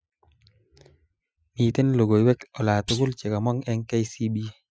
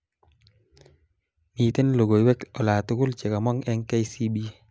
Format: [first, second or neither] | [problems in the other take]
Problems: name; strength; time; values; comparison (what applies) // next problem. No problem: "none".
second | noise reduction (classical method Wiener filter)